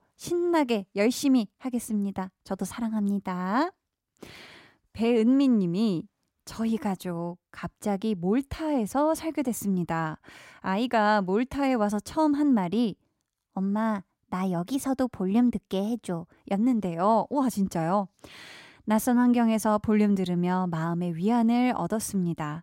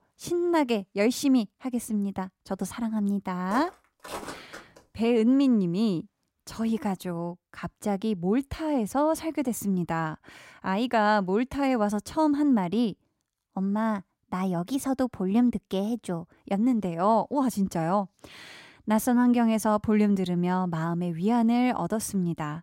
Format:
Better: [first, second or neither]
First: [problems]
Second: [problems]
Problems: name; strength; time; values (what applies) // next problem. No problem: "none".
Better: first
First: none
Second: footsteps; faint; from 3.5 to 5 s; peak 10 dB below the speech